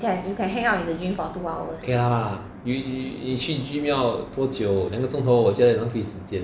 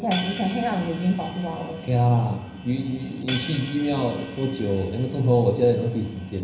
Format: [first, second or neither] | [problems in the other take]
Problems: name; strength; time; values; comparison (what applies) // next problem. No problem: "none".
first | background sound (Hi-hat); 16 dB below the speech // room echo; dies away in 0.7 s